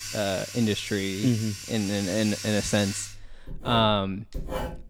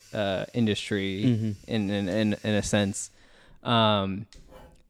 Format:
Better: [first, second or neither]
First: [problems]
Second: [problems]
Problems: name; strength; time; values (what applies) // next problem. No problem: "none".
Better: second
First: household noises; loud; throughout; 9 dB below the speech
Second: household noises; faint; throughout; 25 dB below the speech